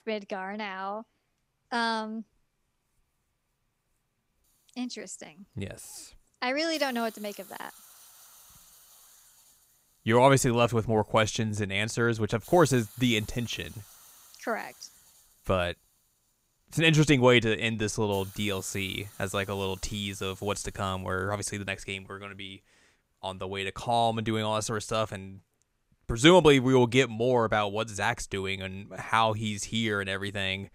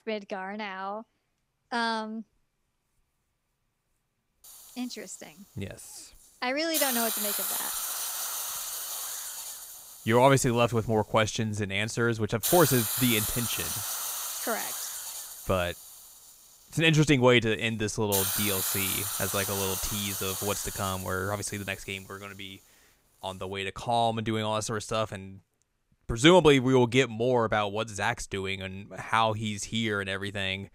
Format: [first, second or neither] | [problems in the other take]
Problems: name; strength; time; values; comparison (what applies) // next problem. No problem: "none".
first | hiss; loud; from 4.5 to 24 s; 3 dB below the speech; faint in the first